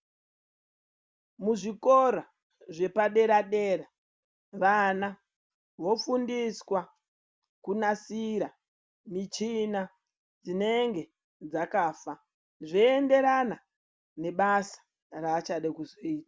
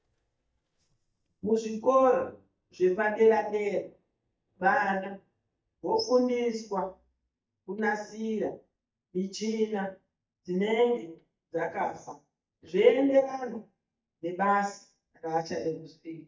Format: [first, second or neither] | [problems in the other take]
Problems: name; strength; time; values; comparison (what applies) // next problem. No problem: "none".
first | noise reduction (neural mask model DeepFilterNet 3)